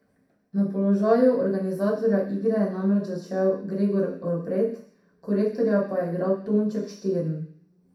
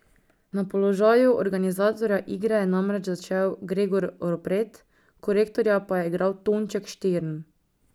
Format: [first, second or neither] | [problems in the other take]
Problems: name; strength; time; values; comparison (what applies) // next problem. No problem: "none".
second | room echo; dies away in 0.6 s